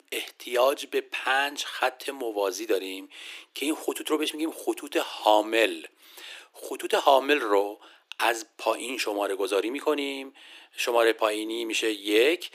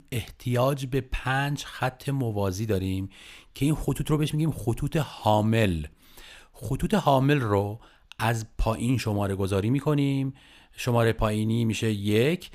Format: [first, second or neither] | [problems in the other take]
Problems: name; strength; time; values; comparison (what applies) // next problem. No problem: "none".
second | thin; very; fading below 300 Hz